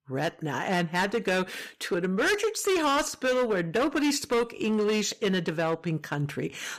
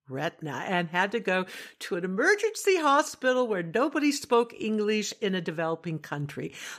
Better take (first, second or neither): second